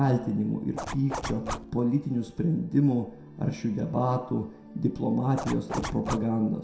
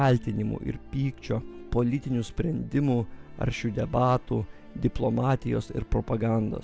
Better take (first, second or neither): second